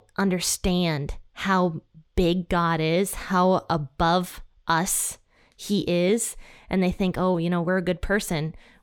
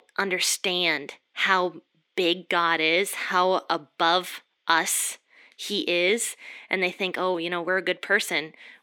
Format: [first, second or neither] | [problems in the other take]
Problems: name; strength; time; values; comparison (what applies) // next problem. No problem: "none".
first | thin; somewhat; fading below 300 Hz